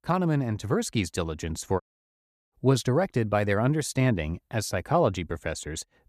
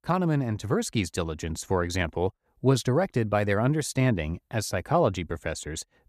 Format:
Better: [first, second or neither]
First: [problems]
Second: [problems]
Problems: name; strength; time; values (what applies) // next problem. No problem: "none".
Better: second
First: audio cutting out; at 2 s for 0.5 s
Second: none